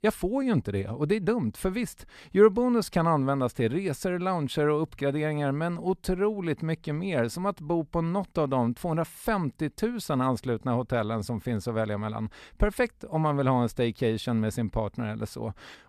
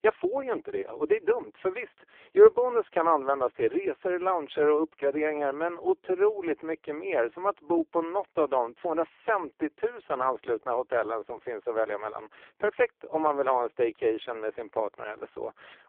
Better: first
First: none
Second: phone-call audio; poor line; nothing above 3.5 kHz

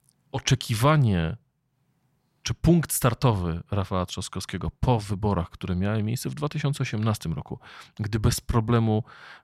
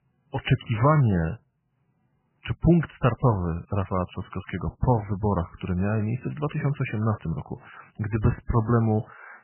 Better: first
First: none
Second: garbled, watery; badly; nothing above 3 kHz

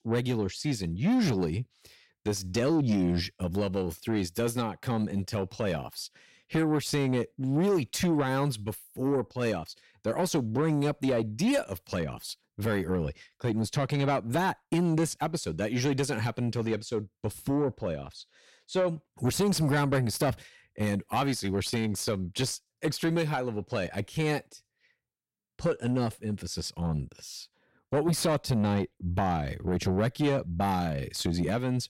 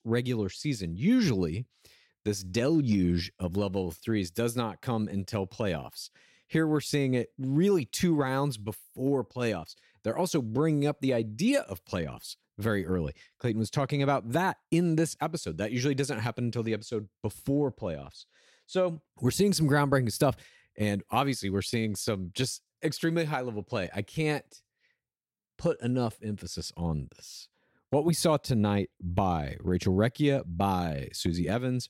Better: second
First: distortion; slight; 10 dB below the speech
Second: none

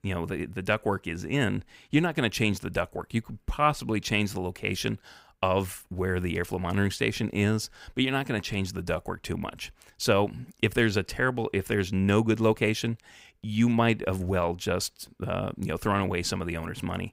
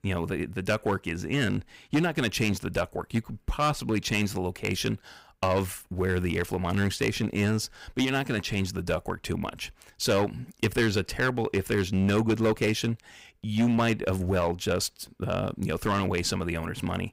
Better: first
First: none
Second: distortion; slight; 5% of the sound clipped

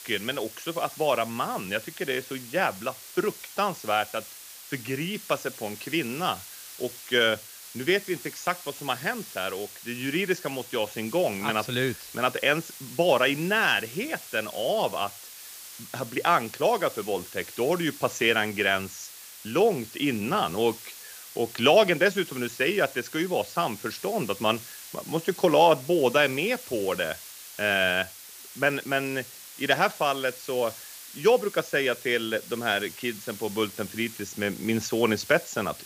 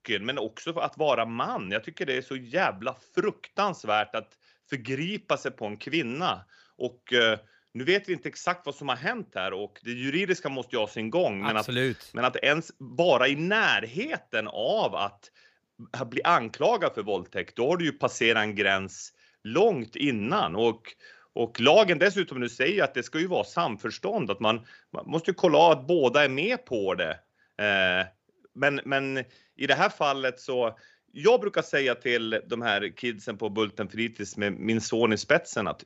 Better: second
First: hiss; noticeable; throughout; 15 dB below the speech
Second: none

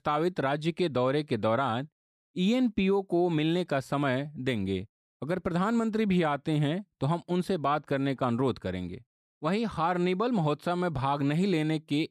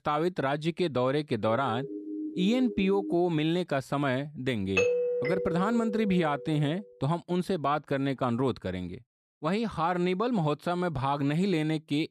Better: first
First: none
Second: siren; noticeable; from 1.5 to 3 s; peak 7 dB below the speech // doorbell; loud; from 5 to 6.5 s; peak 3 dB above the speech

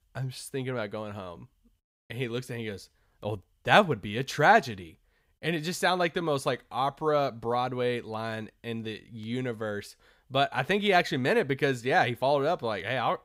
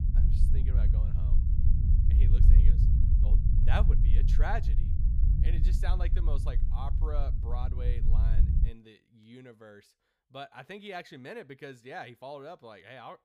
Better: first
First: none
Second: low rumble; loud; until 8.5 s; 4 dB below the speech

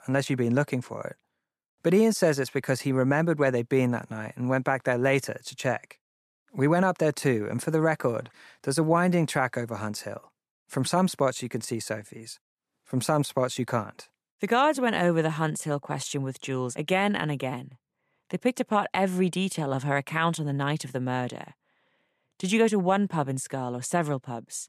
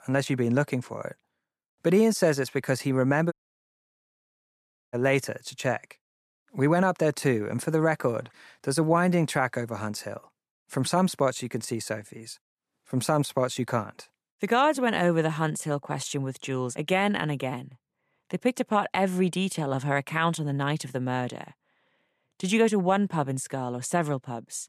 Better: first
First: none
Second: audio cutting out; at 3.5 s for 1.5 s

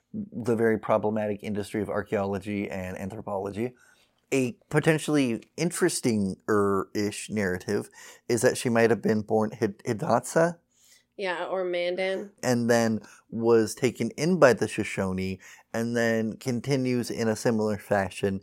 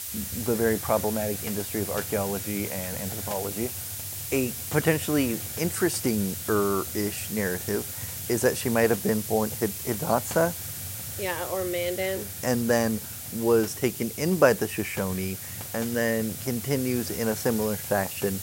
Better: first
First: none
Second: hiss; loud; throughout; 5 dB below the speech

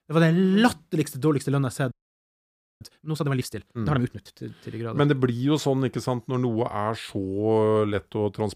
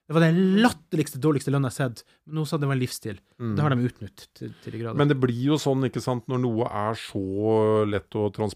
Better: second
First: audio freezing; at 2 s for 1 s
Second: none

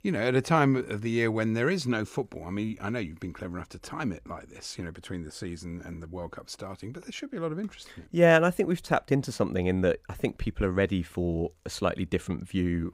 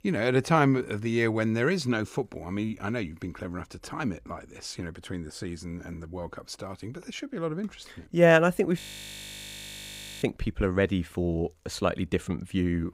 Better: first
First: none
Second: audio freezing; at 9 s for 1.5 s

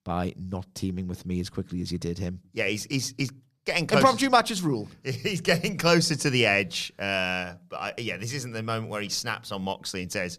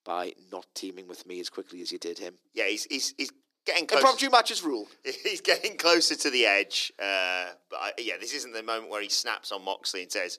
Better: first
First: none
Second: thin; somewhat; fading below 300 Hz

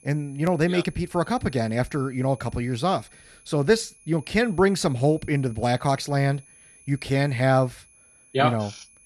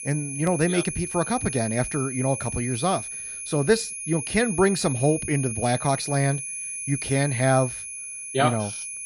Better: first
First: high-pitched whine; faint; throughout; 10.5 kHz, 25 dB below the speech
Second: high-pitched whine; loud; throughout; 10.5 kHz, 6 dB below the speech

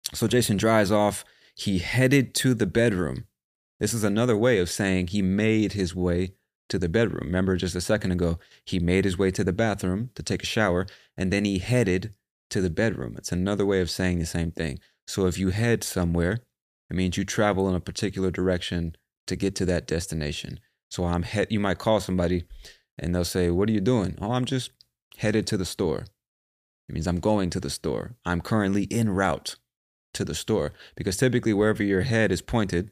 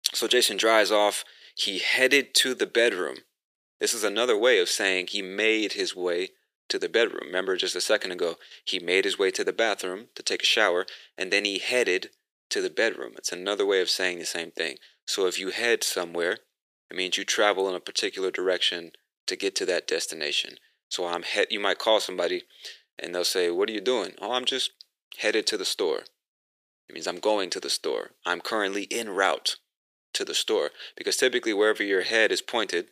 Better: first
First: none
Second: thin; very; fading below 400 Hz

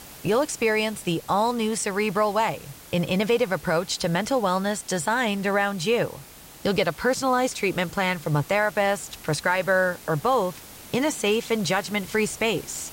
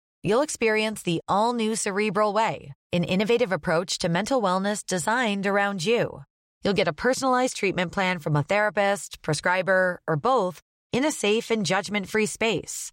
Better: second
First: hiss; noticeable; throughout; 20 dB below the speech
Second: none

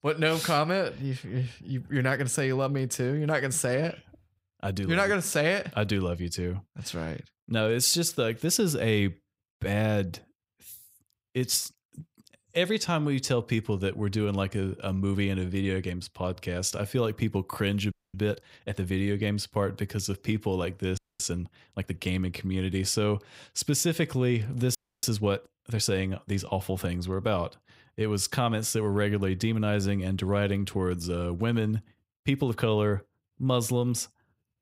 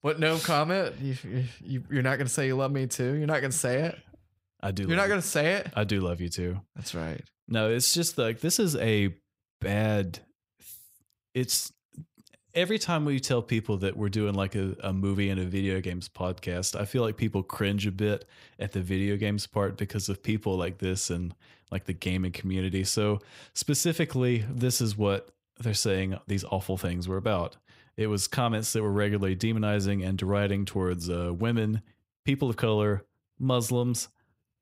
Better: second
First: audio freezing; at 18 s, at 21 s and at 25 s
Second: none

